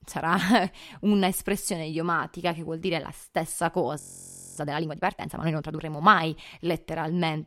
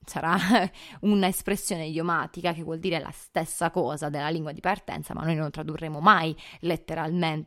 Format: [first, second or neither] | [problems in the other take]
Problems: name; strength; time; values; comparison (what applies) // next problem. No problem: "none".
second | audio freezing; at 4 s for 0.5 s